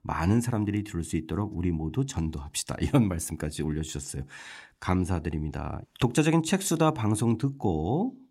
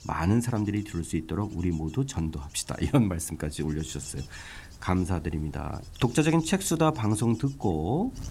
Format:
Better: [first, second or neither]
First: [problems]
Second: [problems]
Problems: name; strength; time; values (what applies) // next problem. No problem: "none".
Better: first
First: none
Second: wind noise on the microphone; occasional gusts; 20 dB below the speech